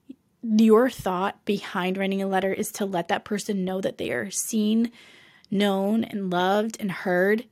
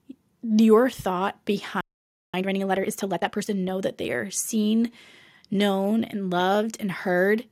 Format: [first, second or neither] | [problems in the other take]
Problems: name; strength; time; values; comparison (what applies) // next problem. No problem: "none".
first | audio freezing; at 2 s for 0.5 s